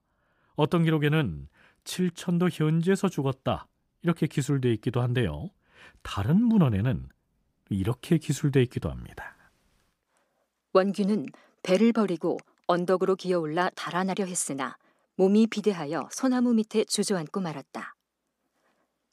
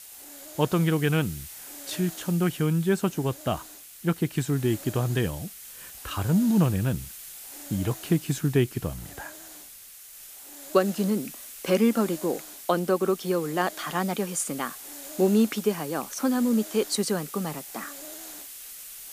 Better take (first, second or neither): first